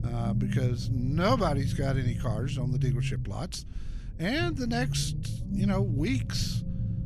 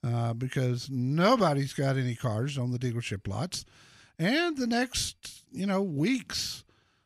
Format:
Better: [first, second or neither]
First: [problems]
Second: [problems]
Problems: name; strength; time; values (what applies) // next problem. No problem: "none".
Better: second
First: low rumble; loud; throughout; 9 dB below the speech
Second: none